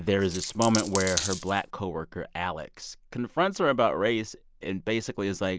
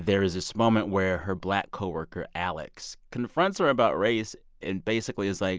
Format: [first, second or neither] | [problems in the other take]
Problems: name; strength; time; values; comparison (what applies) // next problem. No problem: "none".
second | background sound (Coin (dropping)); 6 dB below the speech